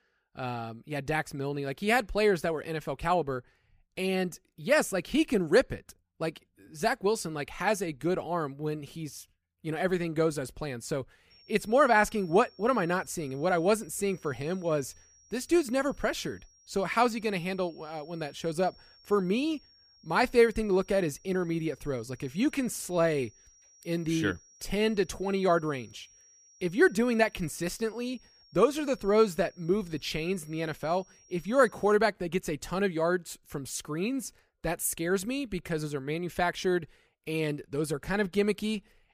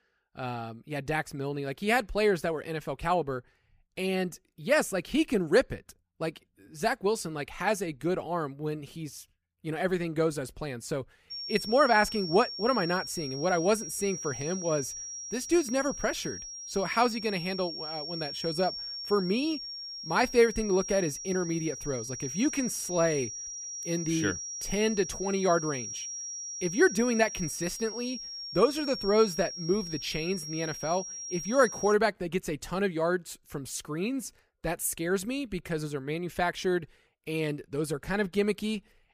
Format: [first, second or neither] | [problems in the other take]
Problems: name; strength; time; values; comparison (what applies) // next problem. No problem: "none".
first | high-pitched whine; loud; from 11 to 32 s; 5.5 kHz, 7 dB below the speech; faint in the first